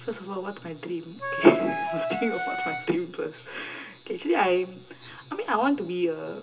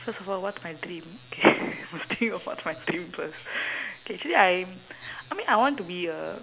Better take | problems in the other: second | background sound (Wind instrument, woodwind instrument); 3 dB below the speech // room echo; dies away in 0.2 s

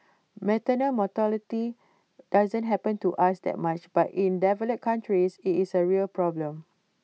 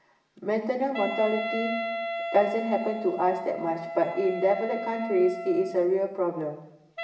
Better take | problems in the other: first | background sound (Wind instrument, woodwind instrument); 8 dB below the speech // room echo; dies away in 0.8 s

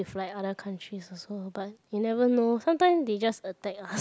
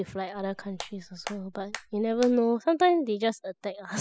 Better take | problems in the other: first | noise reduction (classical method spectral subtraction)

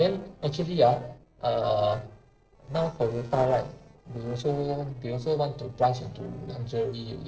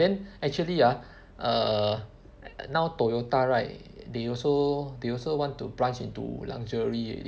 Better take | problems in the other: second | noise reduction (neural separator model SepFormer DNS4)

